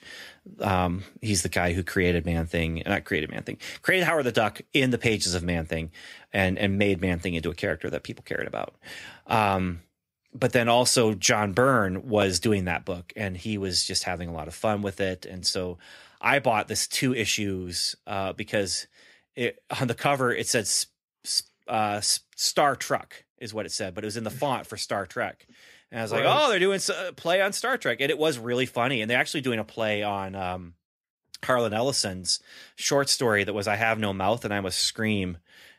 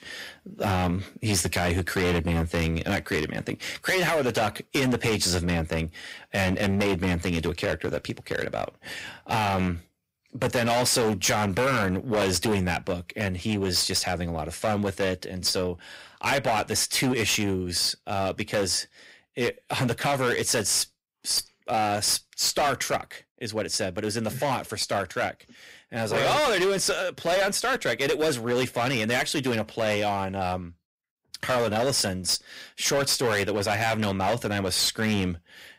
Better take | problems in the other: first | distortion; heavy; 13% of the sound clipped

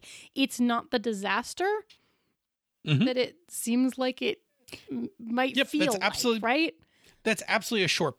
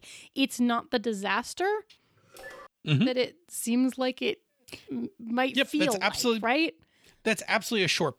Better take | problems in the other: first | phone ringing; faint; at 2.5 s; peak 15 dB below the speech

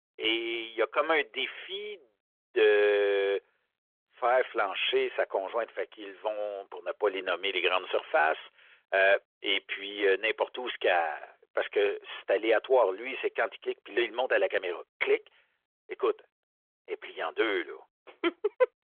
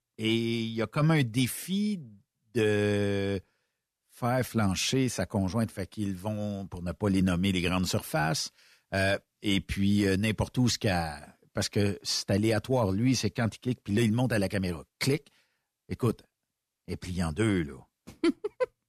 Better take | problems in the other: second | phone-call audio; nothing above 3.5 kHz

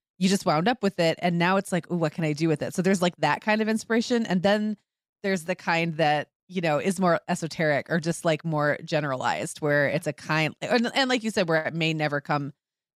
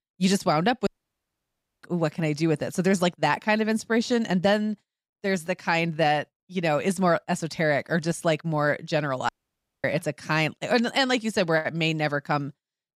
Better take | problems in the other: first | audio cutting out; at 1 s for 1 s and at 9.5 s for 0.5 s

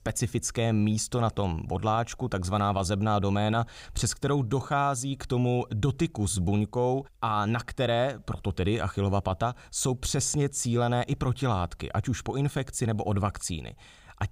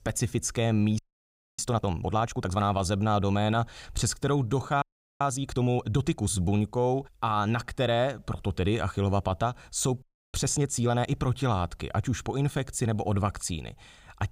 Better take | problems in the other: first | audio freezing; at 1 s for 0.5 s, at 5 s and at 10 s

